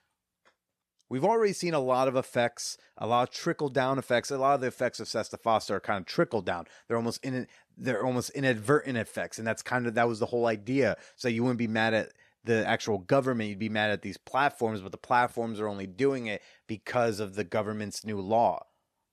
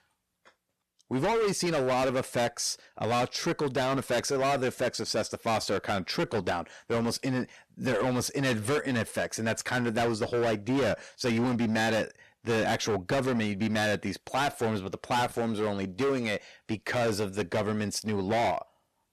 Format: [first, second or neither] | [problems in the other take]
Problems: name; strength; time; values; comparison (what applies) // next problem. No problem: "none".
first | distortion; heavy; 19% of the sound clipped